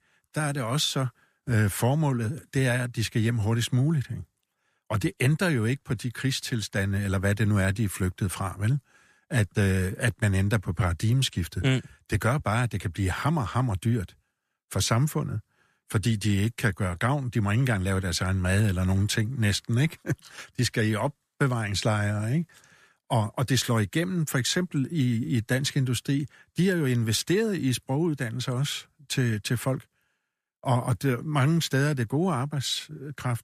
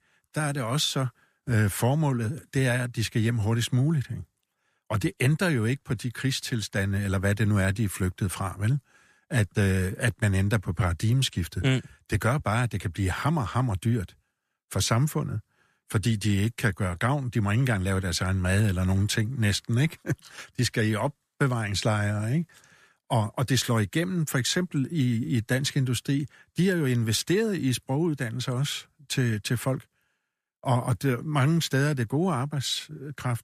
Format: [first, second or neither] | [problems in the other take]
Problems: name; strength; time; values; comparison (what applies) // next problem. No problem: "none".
neither | none